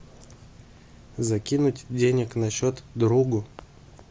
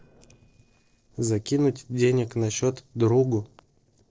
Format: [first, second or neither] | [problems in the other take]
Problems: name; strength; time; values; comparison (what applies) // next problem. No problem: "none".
first | noise reduction (neural separator model SepFormer DNS4)